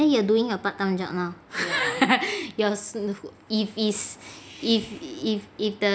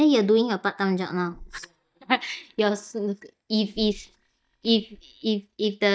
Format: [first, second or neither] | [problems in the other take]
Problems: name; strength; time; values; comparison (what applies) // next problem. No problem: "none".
first | noise reduction (neural mask model DeepFilterNet 3)